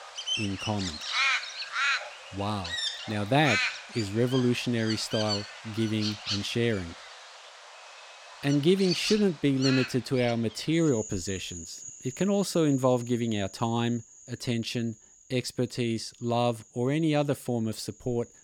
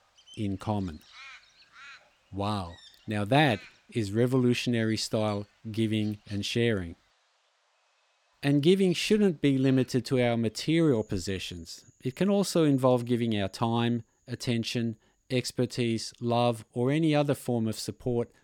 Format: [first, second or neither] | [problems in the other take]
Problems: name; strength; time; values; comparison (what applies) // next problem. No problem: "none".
second | animal sounds; loud; throughout; 4 dB below the speech; faint in the second